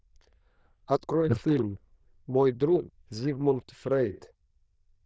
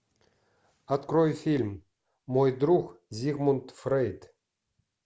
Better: second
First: noise reduction (neural diffusion model UNIVERSE++)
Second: none

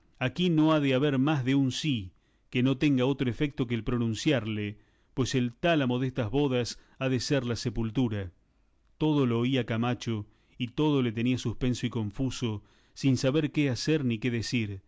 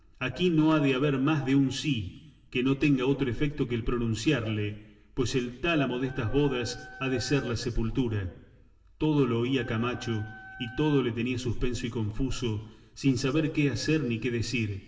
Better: first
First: none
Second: background sound (Wind instrument, woodwind instrument); 19 dB below the speech // room echo; dies away in 1 s

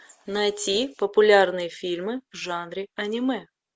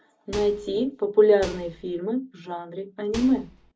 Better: first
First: none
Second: background sound (Microwave oven); 15 dB below the speech // room echo; dies away in 0.4 s

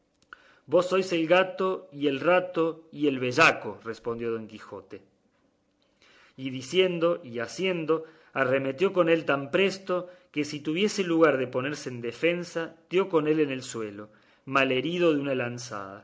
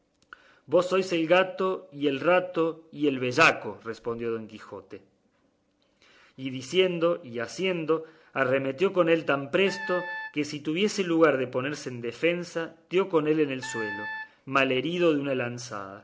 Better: first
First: none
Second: background sound (Wind instrument, woodwind instrument); 11 dB below the speech

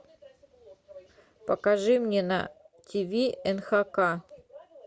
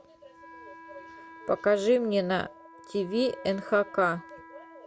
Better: first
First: none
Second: background sound (Wind instrument, woodwind instrument); 20 dB below the speech

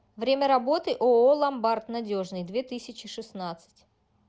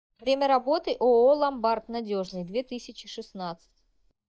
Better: first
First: none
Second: noise reduction (neural mask model DeepFilterNet 3)

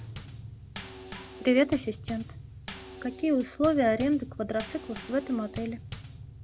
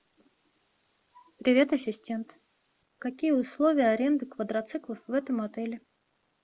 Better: second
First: background sound (Bass drum / Snare drum / Drum kit); 13 dB below the speech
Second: none

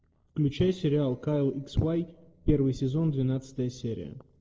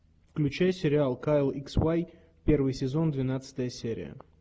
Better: second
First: noise reduction (neural separator model SepFormer DNS4)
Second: none

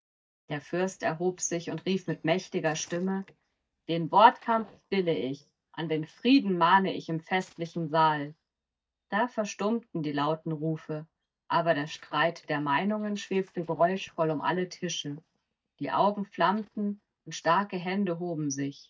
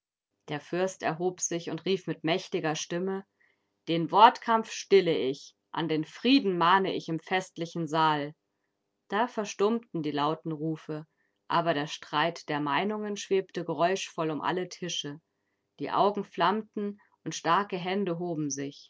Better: second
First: noise reduction (neural mask model DeepFilterNet 3)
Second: none

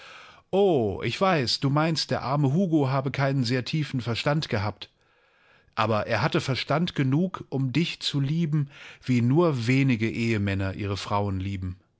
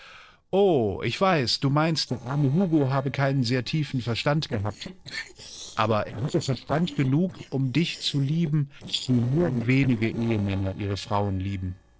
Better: first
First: none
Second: noise reduction (neural separator model SepFormer DNS4)

